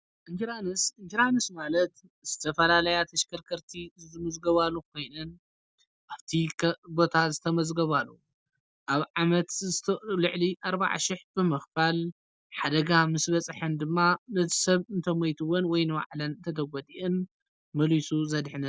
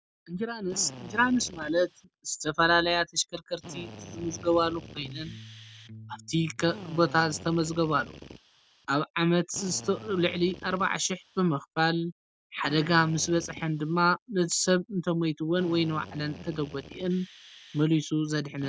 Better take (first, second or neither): first